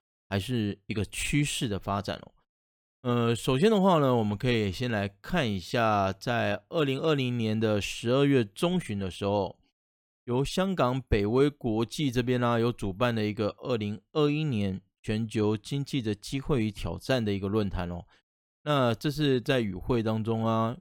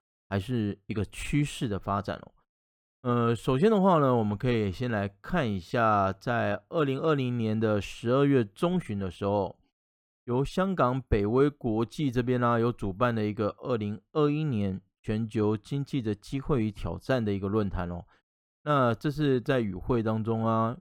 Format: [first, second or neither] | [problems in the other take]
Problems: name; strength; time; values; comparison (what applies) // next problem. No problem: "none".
first | muffled; slightly; fading above 2 kHz